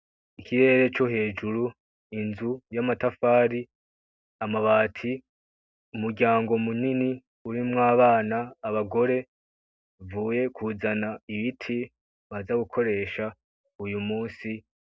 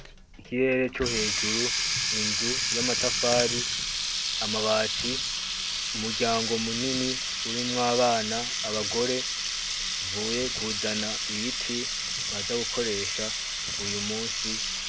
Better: first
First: none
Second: background sound (Water tap, faucet); 1 dB above the speech

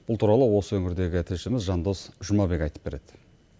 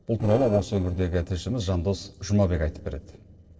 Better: first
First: none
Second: noise reduction (neural separator model SepFormer DNS4)

